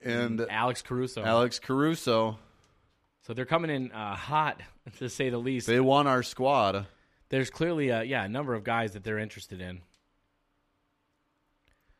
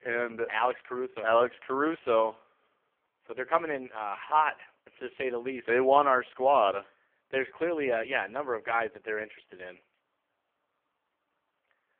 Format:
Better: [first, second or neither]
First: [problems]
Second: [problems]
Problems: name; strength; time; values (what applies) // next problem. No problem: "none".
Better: first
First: none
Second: phone-call audio; poor line